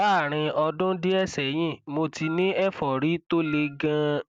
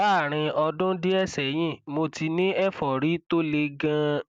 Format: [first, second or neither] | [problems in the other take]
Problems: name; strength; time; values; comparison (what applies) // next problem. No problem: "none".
second | background sound (Wind instrument, woodwind instrument); 19 dB below the speech